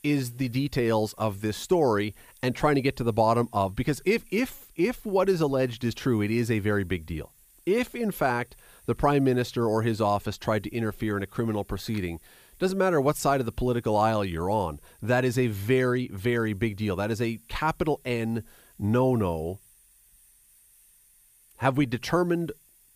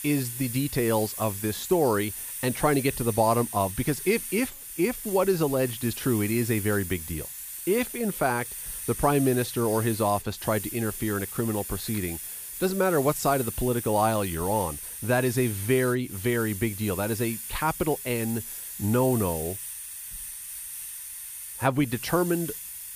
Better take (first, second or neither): first